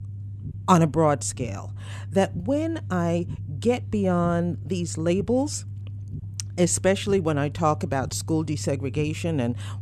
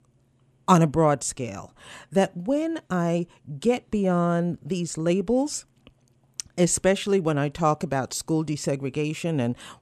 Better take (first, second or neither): second